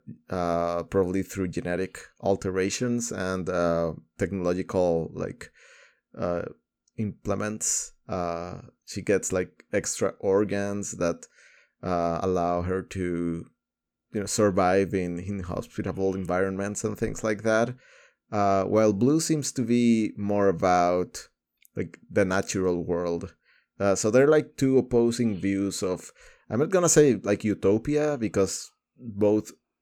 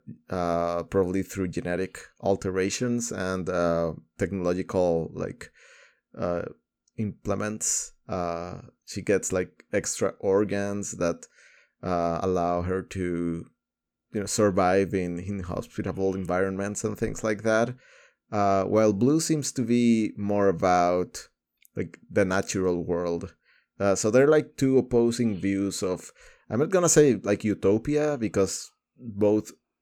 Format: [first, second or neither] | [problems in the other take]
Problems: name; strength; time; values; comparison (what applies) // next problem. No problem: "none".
neither | none